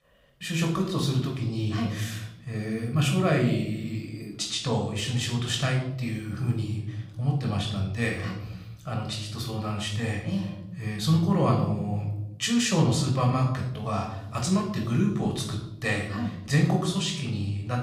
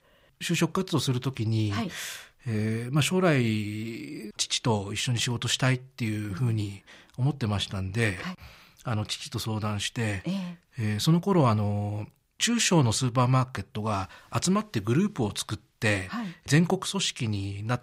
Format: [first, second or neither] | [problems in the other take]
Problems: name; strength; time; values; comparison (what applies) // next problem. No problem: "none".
second | off-mic speech; somewhat distant // room echo; noticeable; dies away in 0.9 s